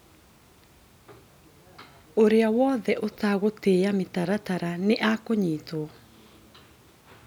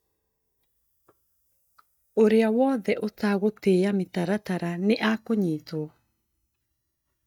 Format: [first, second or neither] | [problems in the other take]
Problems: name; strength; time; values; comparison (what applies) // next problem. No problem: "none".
first | noise reduction (neural mask model DeepFilterNet 3)